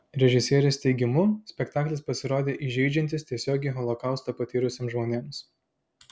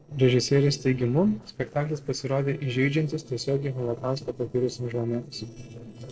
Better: first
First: none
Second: noise reduction (neural separator model SepFormer DNS4)

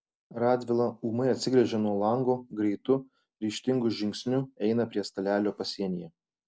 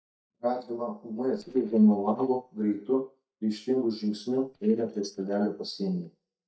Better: first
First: none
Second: noise reduction (neural mask model DeepFilterNet 3)

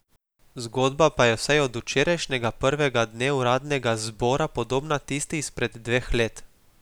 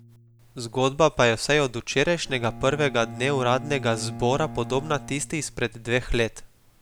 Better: first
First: none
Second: background sound (Bowed string instrument); 16 dB below the speech

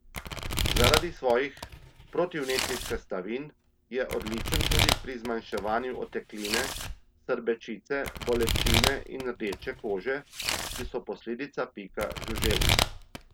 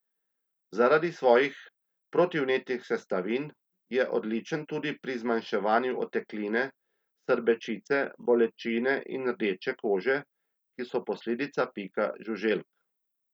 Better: second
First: background sound (Domestic sounds, home sounds); 1 dB above the speech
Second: none

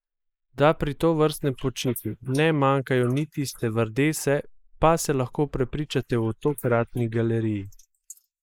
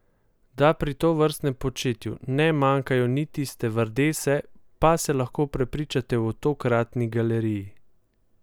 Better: second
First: noise reduction (neural mask model Resemble Enhance denoiser)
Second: none

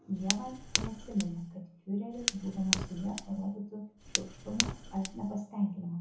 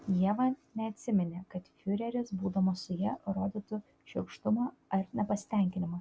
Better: second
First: background sound (Fire); 1 dB below the speech // room echo; dies away in 0.7 s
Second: none

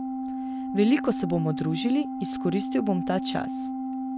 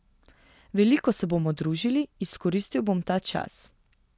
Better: second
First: background sound (Organ); 3 dB below the speech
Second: none

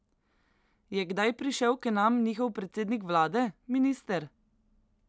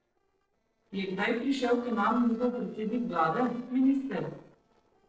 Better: first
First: none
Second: noise reduction (neural separator model SepFormer DNS4)

